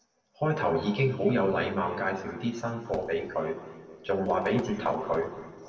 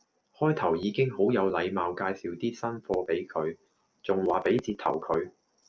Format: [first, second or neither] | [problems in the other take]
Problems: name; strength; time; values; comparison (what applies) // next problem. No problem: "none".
second | room echo; dies away in 2 s